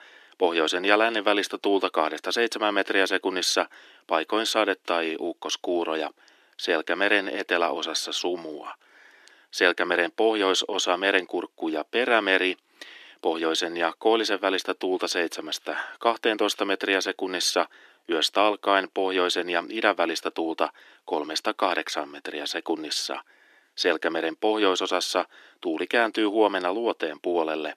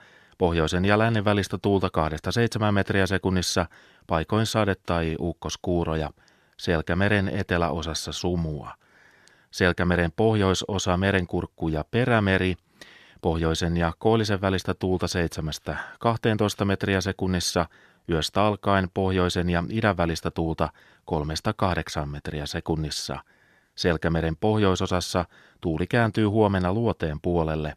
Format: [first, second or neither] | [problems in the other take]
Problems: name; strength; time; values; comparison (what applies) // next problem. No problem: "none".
second | thin; somewhat; fading below 300 Hz